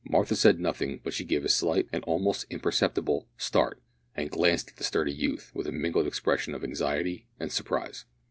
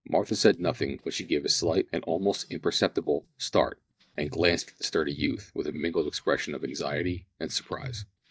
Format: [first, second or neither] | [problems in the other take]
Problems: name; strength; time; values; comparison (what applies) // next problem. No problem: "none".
first | noise reduction (neural mask model DeepFilterNet 3)